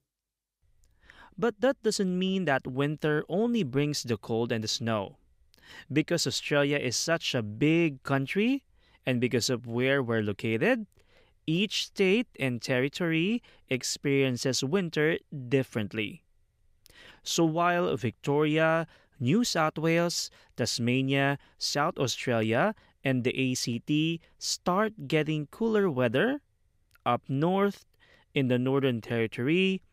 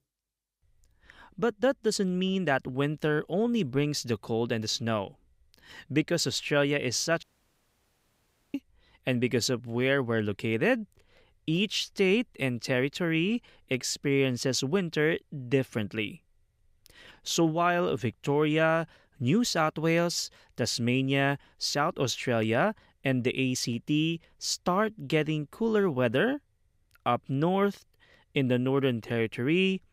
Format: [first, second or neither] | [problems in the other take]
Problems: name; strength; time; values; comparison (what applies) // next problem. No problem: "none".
first | audio cutting out; at 7 s for 1.5 s